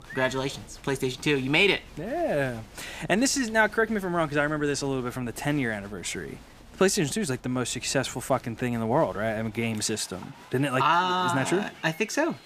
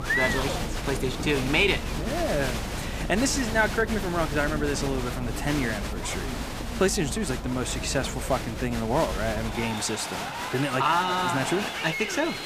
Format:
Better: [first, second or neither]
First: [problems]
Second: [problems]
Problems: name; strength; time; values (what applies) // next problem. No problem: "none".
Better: first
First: crowd noise; faint; throughout; 20 dB below the speech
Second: crowd noise; loud; throughout; 4 dB below the speech